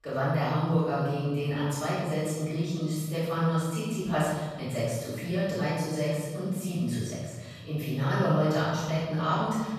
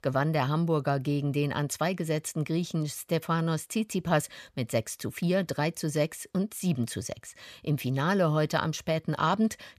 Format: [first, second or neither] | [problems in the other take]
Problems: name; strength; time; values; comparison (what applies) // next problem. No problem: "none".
second | off-mic speech; far // room echo; strong; dies away in 1.3 s